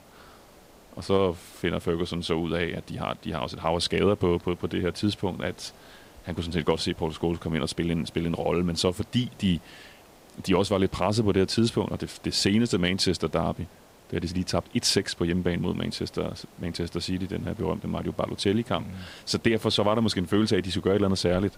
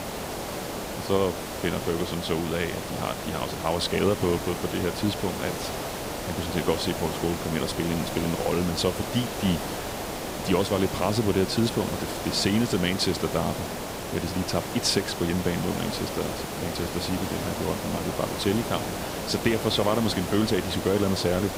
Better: first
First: hiss; faint; throughout; 25 dB below the speech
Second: hiss; loud; throughout; 5 dB below the speech

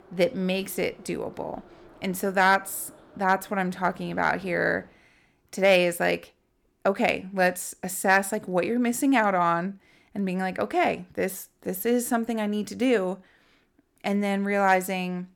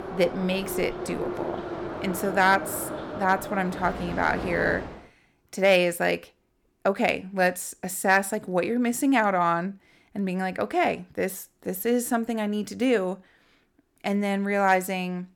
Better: first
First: train or aircraft noise; faint; until 5 s; 25 dB below the speech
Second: train or aircraft noise; loud; until 5 s; 9 dB below the speech

